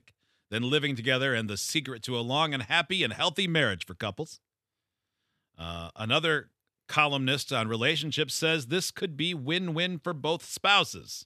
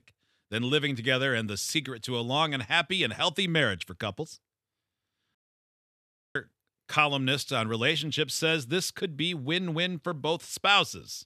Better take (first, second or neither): first